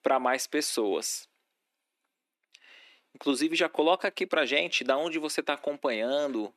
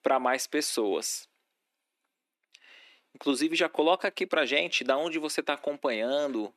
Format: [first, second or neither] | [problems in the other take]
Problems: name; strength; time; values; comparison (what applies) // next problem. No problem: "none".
neither | thin; somewhat; fading below 300 Hz; the same in both